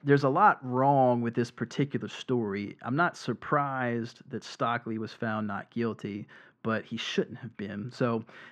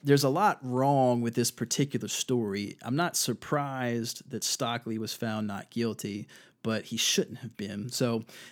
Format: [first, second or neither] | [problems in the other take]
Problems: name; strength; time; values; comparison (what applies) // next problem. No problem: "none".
second | muffled; very; fading above 2.5 kHz